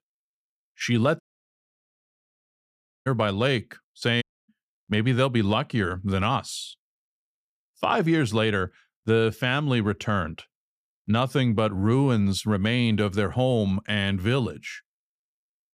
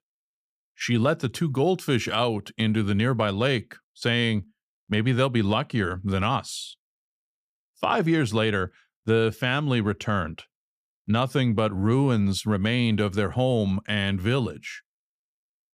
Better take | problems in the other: second | audio cutting out; at 1 s for 2 s and at 4 s

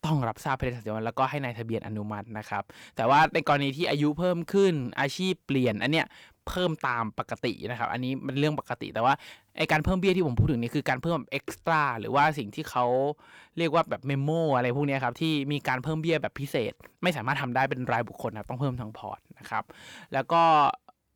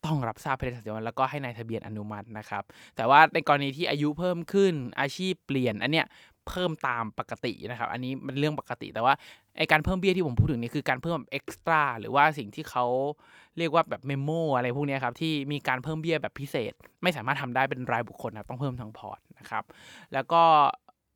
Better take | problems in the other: second | distortion; slight; 10 dB below the speech

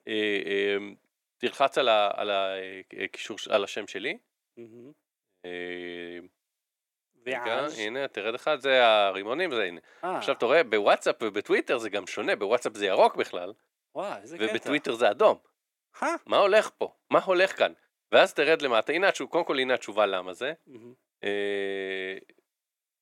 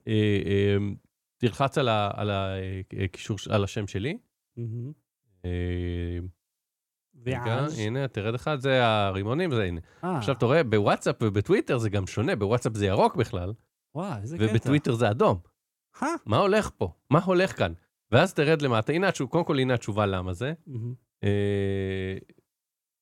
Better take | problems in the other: second | thin; very; fading below 300 Hz

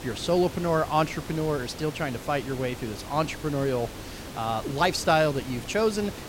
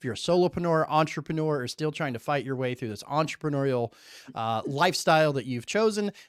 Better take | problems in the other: second | hiss; noticeable; throughout; 10 dB below the speech

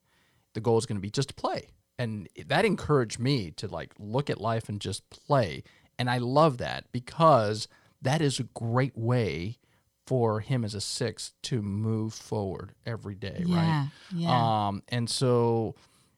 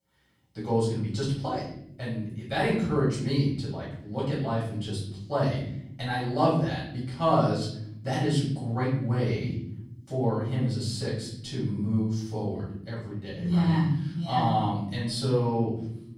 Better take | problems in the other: first | off-mic speech; far // room echo; noticeable; dies away in 1 s

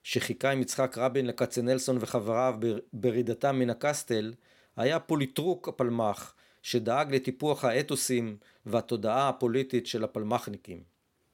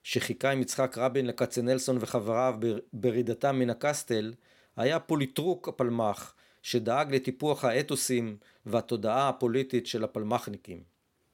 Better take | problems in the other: neither | none

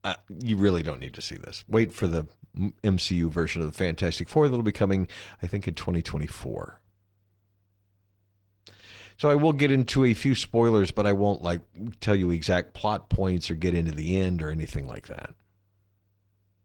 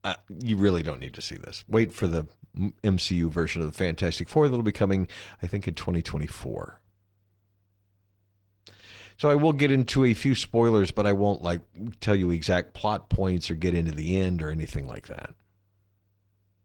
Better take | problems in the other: neither | garbled, watery; slightly; nothing above 18.5 kHz; the same in both

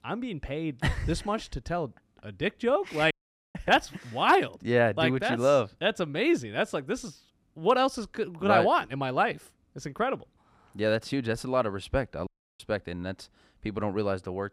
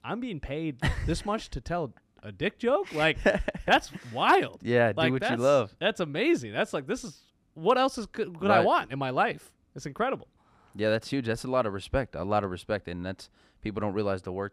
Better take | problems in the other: second | audio cutting out; at 3 s and at 12 s

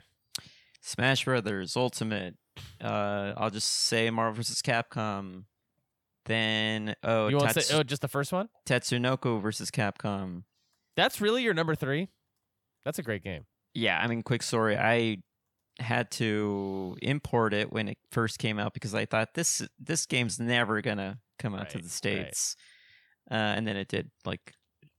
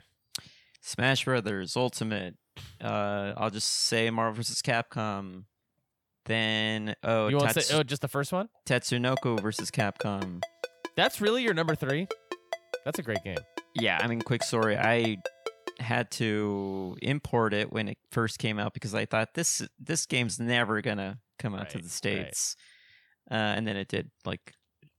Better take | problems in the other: first | phone ringing; noticeable; from 9 to 16 s; peak 9 dB below the speech

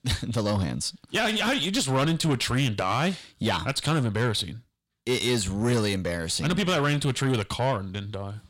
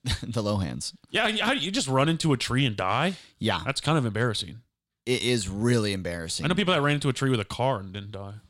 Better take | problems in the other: second | distortion; slight; 10 dB below the speech

